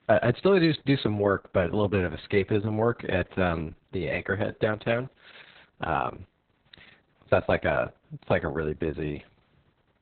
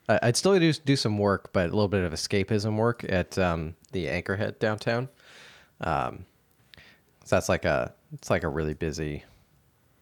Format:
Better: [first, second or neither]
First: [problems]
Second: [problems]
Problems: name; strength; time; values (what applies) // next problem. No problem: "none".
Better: second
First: garbled, watery; badly; nothing above 4 kHz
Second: none